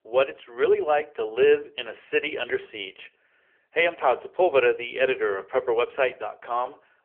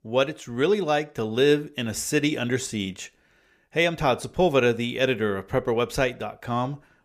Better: second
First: phone-call audio; poor line; nothing above 3 kHz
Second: none

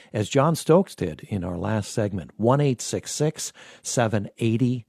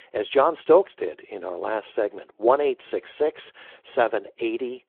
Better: first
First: none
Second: phone-call audio; nothing above 3.5 kHz

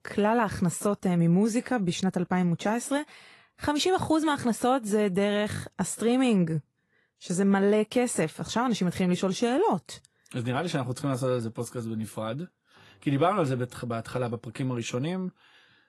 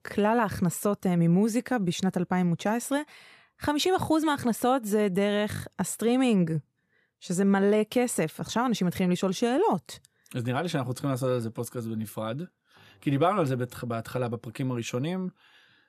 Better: second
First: garbled, watery; slightly; nothing above 11.5 kHz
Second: none

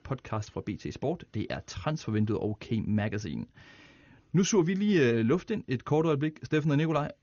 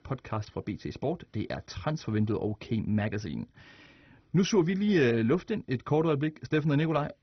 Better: first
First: garbled, watery; slightly; nothing above 6.5 kHz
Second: garbled, watery; badly; nothing above 6 kHz

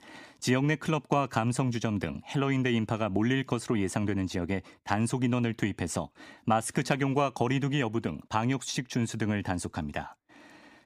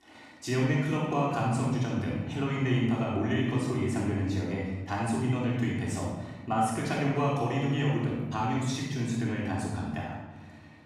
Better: first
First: none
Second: off-mic speech; far // room echo; strong; dies away in 1.2 s

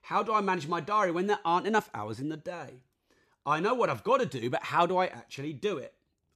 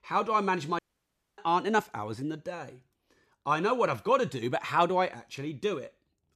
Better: first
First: none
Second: audio cutting out; at 1 s for 0.5 s

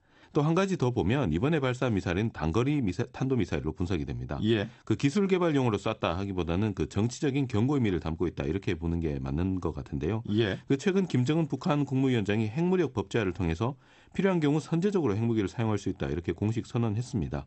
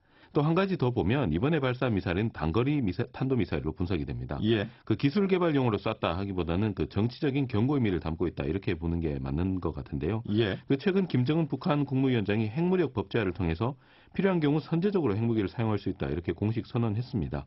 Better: first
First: garbled, watery; slightly; nothing above 8 kHz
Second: garbled, watery; badly; nothing above 5.5 kHz

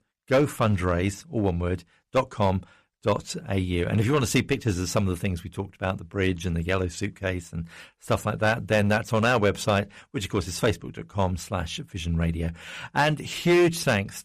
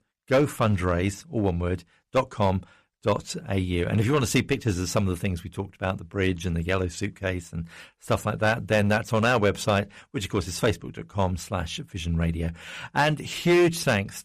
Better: neither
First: distortion; slight; 4% of the sound clipped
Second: distortion; slight; 4% of the sound clipped

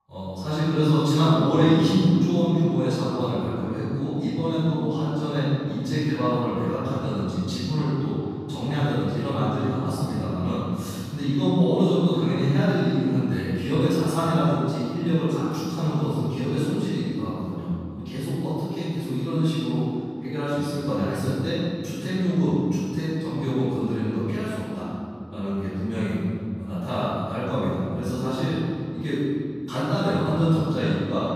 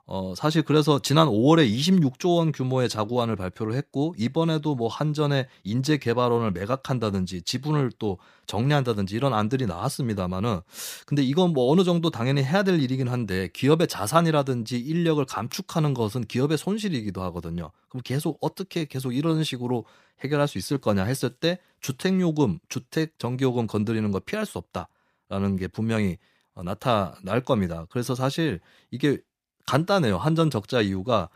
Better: second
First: off-mic speech; far // room echo; strong; dies away in 2.9 s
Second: none

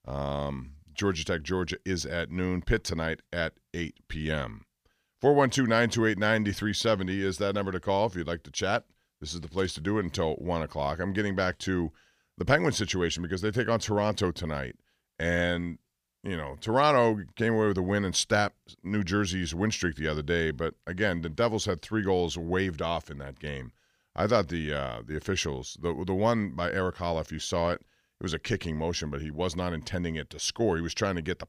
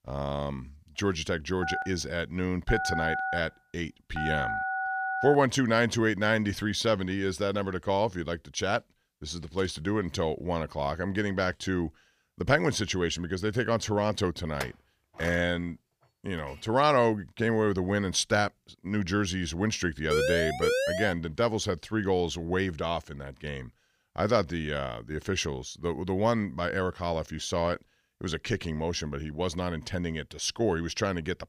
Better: first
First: none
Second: phone ringing; noticeable; from 1.5 to 5.5 s; peak 1 dB below the speech // clattering dishes; faint; from 15 to 17 s; peak 10 dB below the speech // siren; loud; from 20 to 21 s; peak 2 dB above the speech

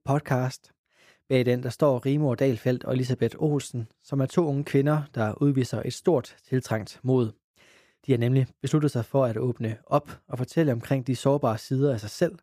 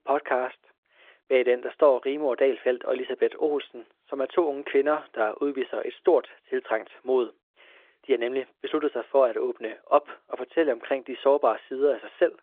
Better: first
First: none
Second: phone-call audio; nothing above 3.5 kHz

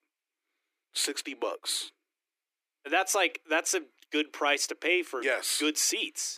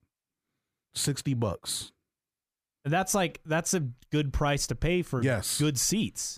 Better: second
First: thin; very; fading below 300 Hz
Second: none

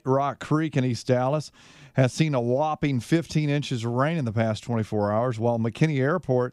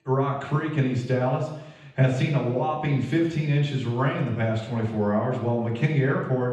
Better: first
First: none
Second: room echo; noticeable; dies away in 0.9 s // off-mic speech; far

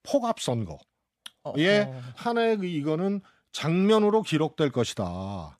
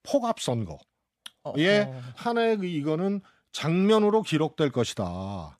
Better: neither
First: none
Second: none

